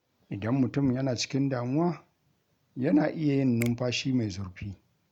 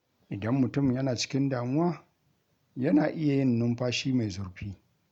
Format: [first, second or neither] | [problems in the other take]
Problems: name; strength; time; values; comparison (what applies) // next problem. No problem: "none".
second | background sound (Finger snapping); 20 dB below the speech